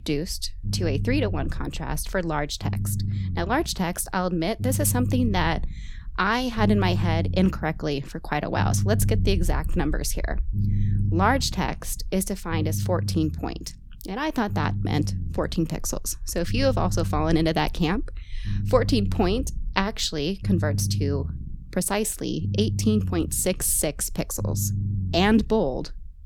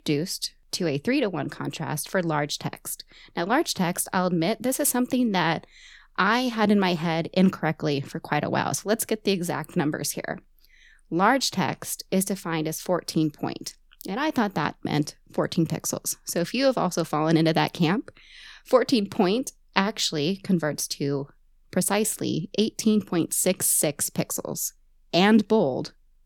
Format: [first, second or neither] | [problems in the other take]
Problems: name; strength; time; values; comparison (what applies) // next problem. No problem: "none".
second | low rumble; noticeable; throughout; 15 dB below the speech